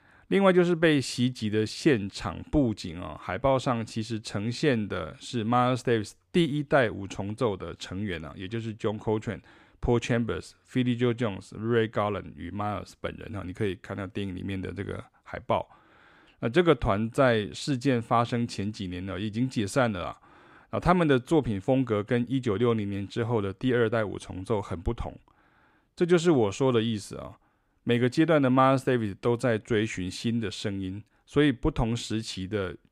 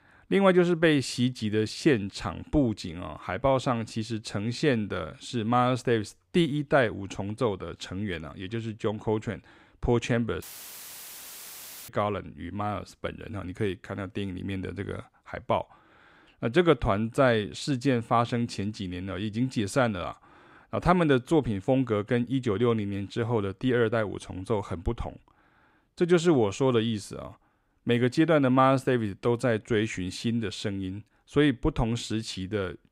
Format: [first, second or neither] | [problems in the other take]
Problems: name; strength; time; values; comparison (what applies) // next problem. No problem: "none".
first | audio cutting out; filled with static; at 10 s for 1.5 s